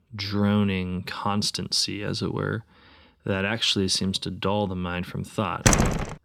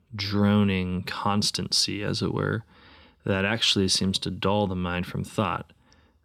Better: second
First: door banging; loud; at 5.5 s; peak 6 dB above the speech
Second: none

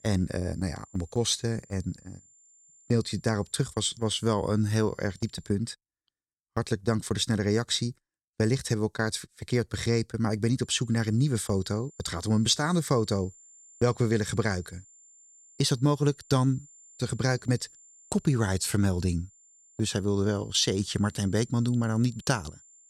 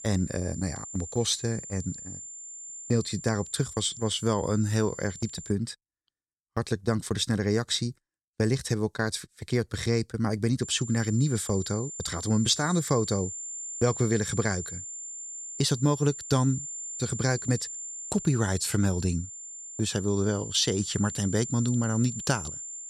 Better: first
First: high-pitched whine; faint; until 5.5 s and from 11 s on; 7 kHz, 25 dB below the speech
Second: high-pitched whine; loud; until 5.5 s and from 11 s on; 7 kHz, 9 dB below the speech

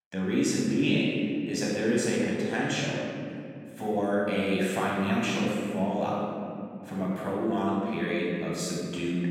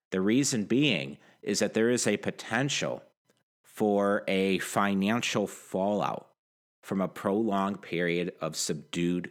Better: second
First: off-mic speech; far // room echo; strong; dies away in 2.5 s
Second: none

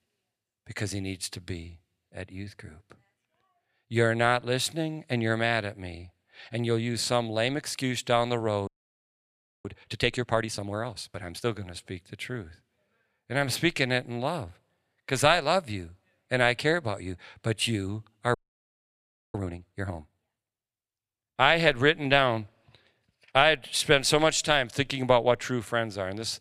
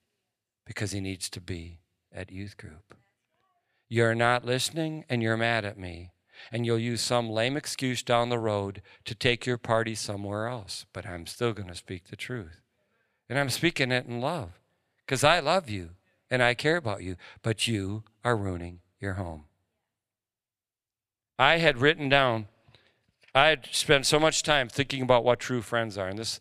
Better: second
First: audio freezing; at 8.5 s for 1 s and at 18 s for 1 s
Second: none

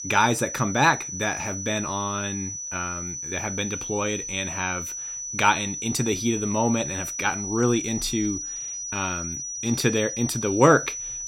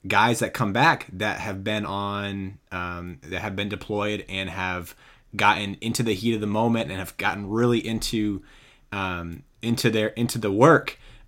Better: second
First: high-pitched whine; loud; throughout; 6 kHz, 5 dB below the speech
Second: none

